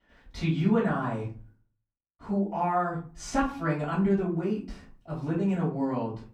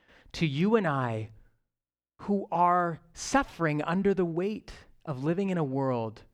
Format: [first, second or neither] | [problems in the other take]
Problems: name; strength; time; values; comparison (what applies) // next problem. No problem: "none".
second | room echo; slight; dies away in 0.3 s // off-mic speech; far